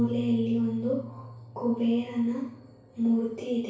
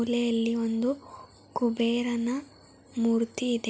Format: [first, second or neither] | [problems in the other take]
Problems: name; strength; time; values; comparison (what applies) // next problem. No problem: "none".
second | background sound (Keyboard (musical)); 15 dB below the speech // room echo; dies away in 0.6 s